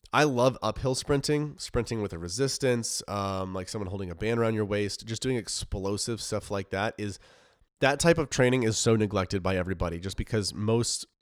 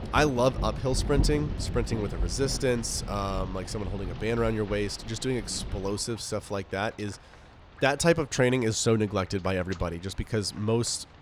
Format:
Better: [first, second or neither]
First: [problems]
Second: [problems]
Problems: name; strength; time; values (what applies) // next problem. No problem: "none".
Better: first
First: none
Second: rain or running water; loud; throughout; 8 dB below the speech